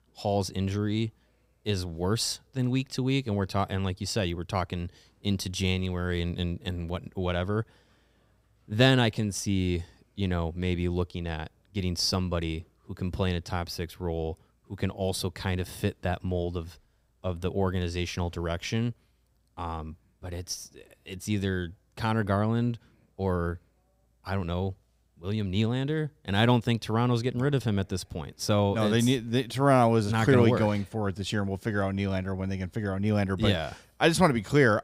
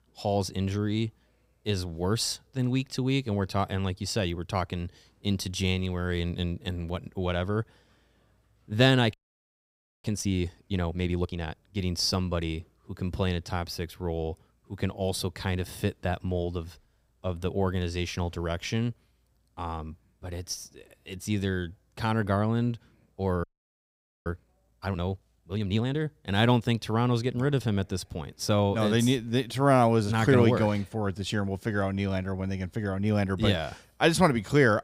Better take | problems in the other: first | audio freezing; at 9 s for 1 s and at 23 s for 1 s

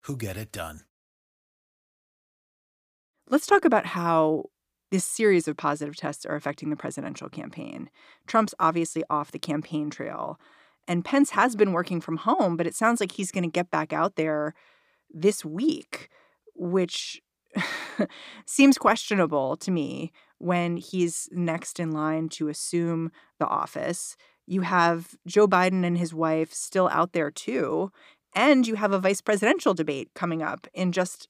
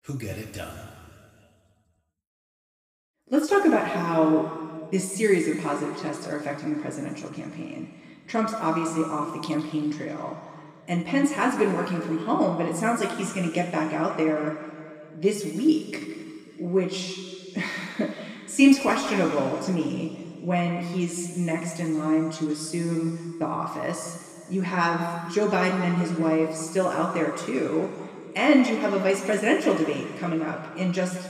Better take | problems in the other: first | room echo; noticeable; dies away in 2.2 s // off-mic speech; somewhat distant

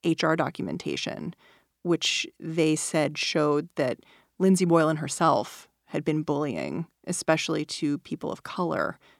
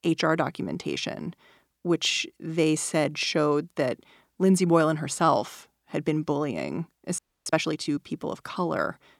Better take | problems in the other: first | audio freezing; at 7 s

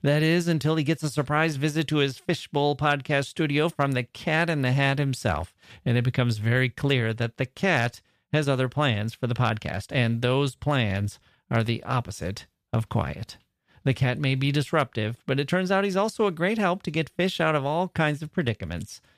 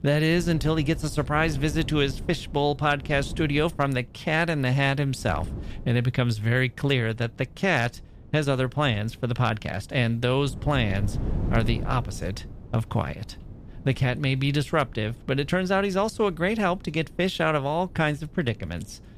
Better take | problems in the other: first | wind noise on the microphone; occasional gusts; 20 dB below the speech

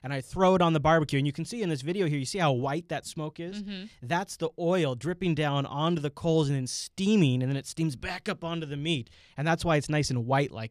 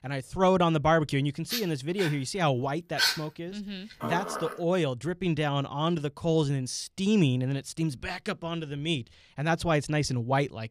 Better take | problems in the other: first | dog barking; loud; from 1.5 to 4.5 s; peak 3 dB above the speech

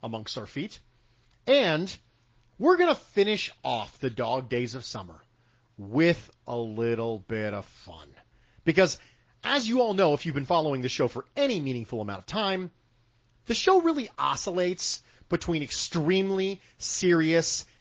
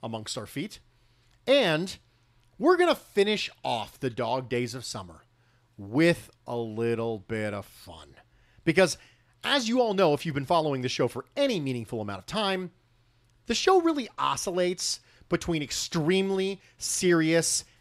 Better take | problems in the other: second | garbled, watery; slightly; nothing above 7 kHz

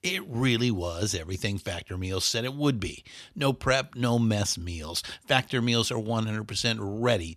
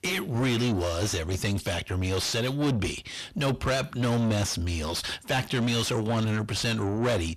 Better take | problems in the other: first | distortion; heavy; 6 dB below the speech

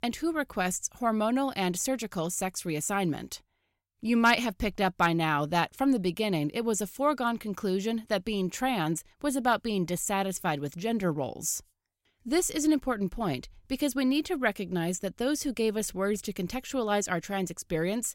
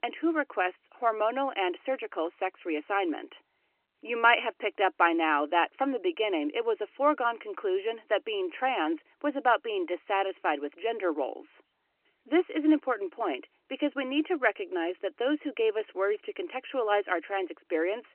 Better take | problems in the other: first | phone-call audio; nothing above 3 kHz

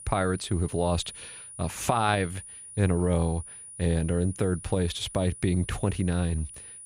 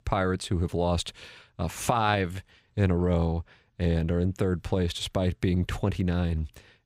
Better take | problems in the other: second | high-pitched whine; noticeable; throughout; 9.5 kHz, 15 dB below the speech

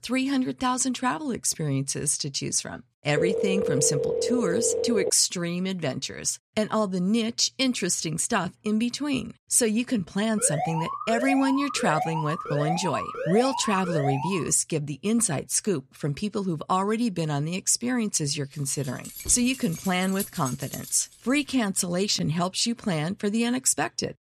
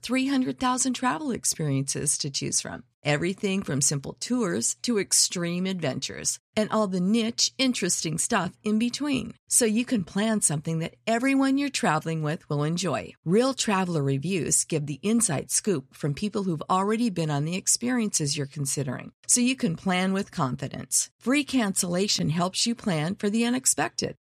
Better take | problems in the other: second | phone ringing; noticeable; from 3 to 5 s; peak level with the speech // alarm; noticeable; from 10 to 14 s; peak 4 dB below the speech // jangling keys; noticeable; from 19 to 21 s; peak 8 dB below the speech

